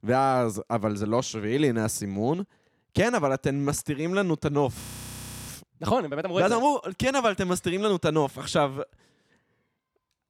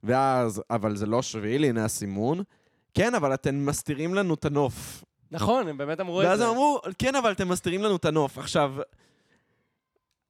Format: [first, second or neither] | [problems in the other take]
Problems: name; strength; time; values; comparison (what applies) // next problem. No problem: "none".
second | audio freezing; at 5 s for 0.5 s